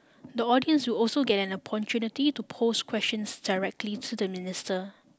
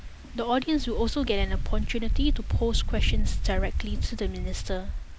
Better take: first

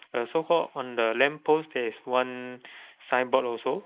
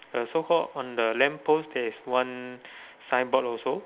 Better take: second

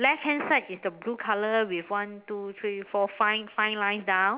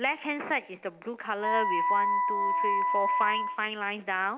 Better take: first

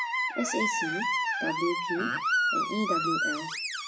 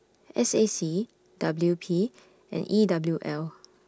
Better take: second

